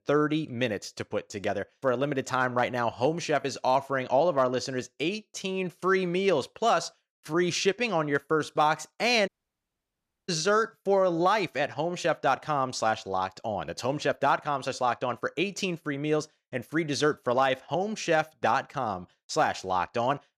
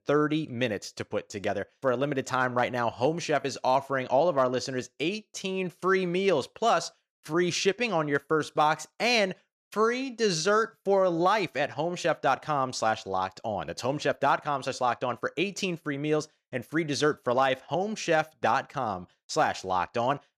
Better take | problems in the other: second | audio cutting out; at 9.5 s for 1 s

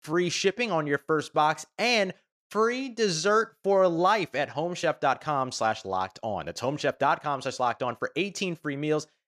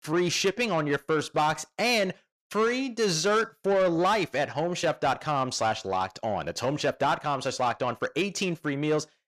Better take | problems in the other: first | distortion; slight; 10 dB below the speech

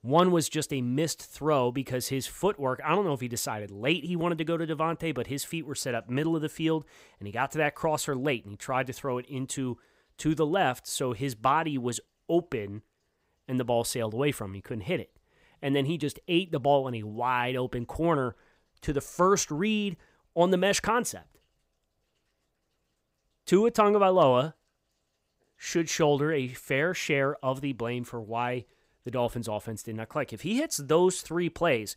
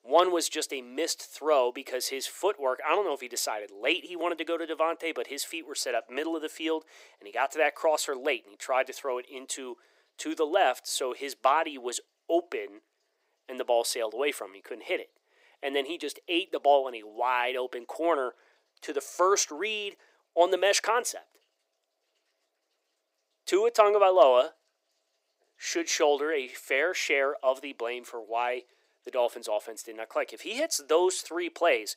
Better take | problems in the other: first | thin; very; fading below 350 Hz

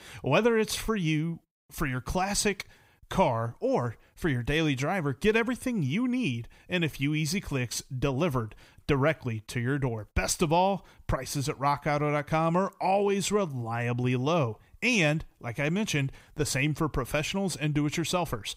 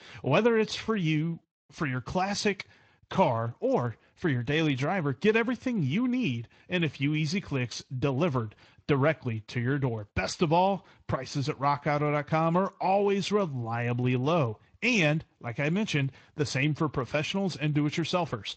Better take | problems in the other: first | garbled, watery; slightly; nothing above 7.5 kHz

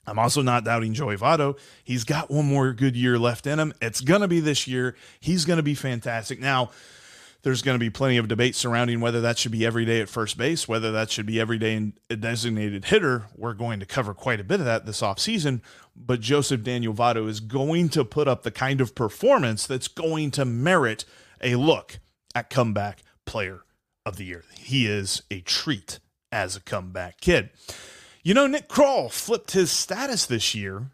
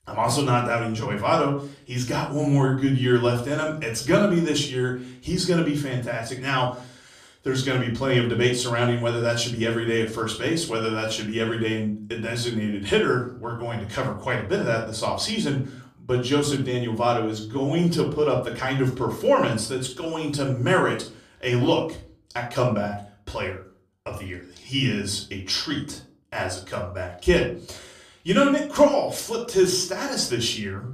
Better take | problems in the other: first | off-mic speech; somewhat distant // room echo; slight; dies away in 0.3 s

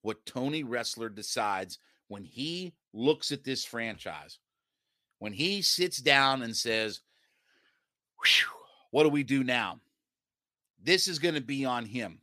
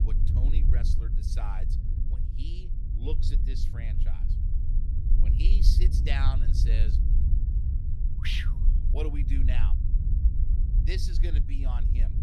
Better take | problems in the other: first | low rumble; loud; throughout; 6 dB below the speech

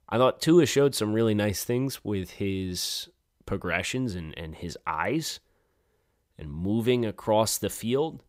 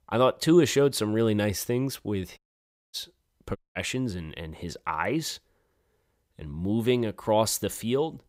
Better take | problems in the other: first | audio cutting out; at 2.5 s for 0.5 s and at 3.5 s

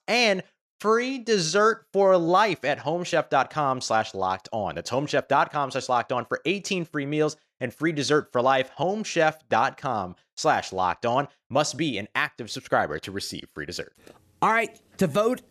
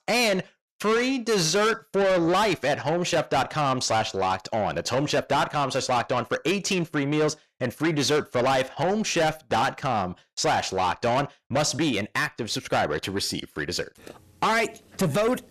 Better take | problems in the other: first | distortion; heavy; 6 dB below the speech

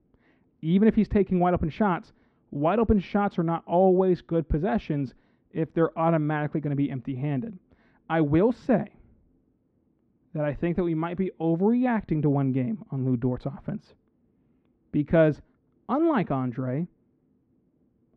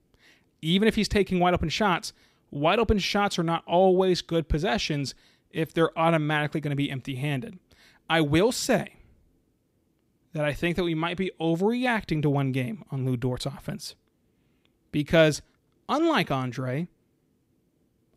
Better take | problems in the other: second | muffled; very; fading above 1.5 kHz

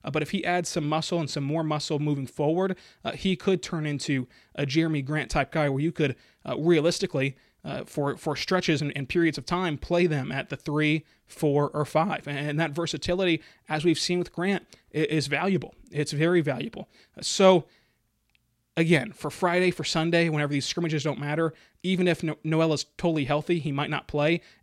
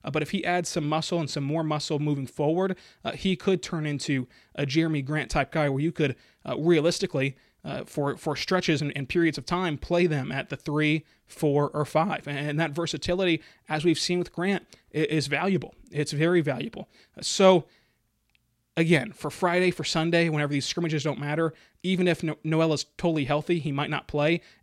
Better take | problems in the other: neither | none

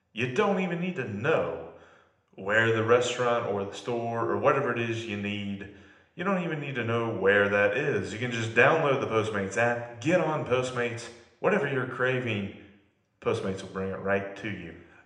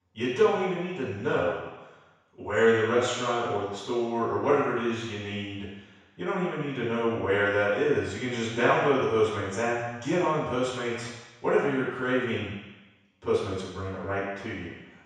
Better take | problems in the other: first | room echo; strong; dies away in 1.1 s; slight in the first // off-mic speech; far

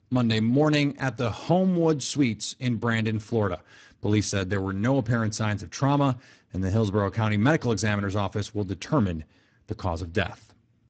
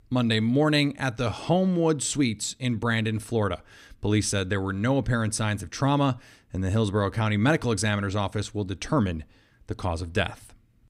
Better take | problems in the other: second | garbled, watery; badly; nothing above 8 kHz

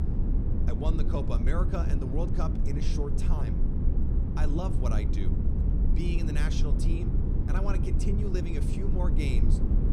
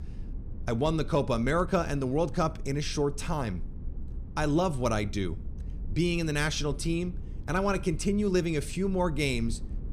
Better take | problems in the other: second | low rumble; loud; throughout; 2 dB below the speech; faint in the second

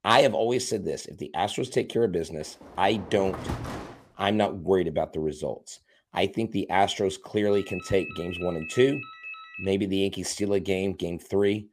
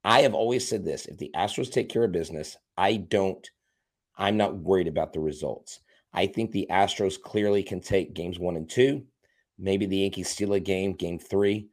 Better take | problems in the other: second | door banging; noticeable; from 2.5 to 4 s; peak 7 dB below the speech // phone ringing; faint; from 7.5 to 9.5 s; peak 10 dB below the speech

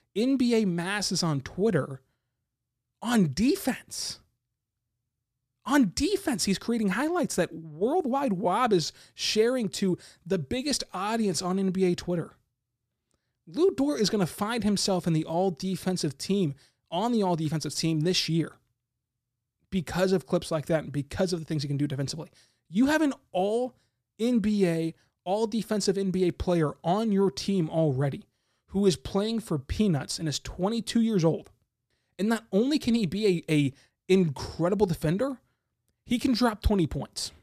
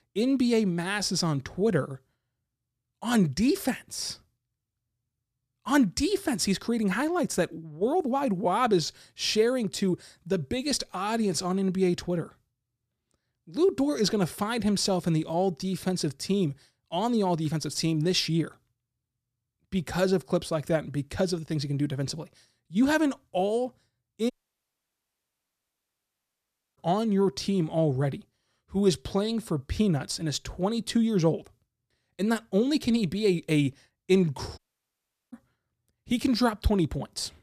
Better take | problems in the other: first | audio cutting out; at 24 s for 2.5 s and at 35 s for 0.5 s

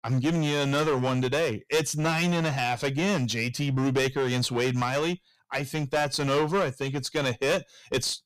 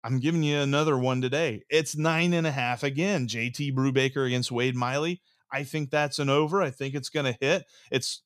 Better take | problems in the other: second | distortion; heavy; 14% of the sound clipped

